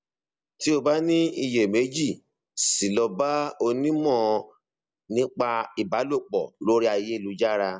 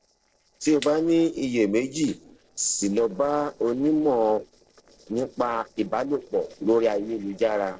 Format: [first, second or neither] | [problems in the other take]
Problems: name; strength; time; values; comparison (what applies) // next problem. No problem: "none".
first | noise reduction (neural separator model SepFormer DNS4)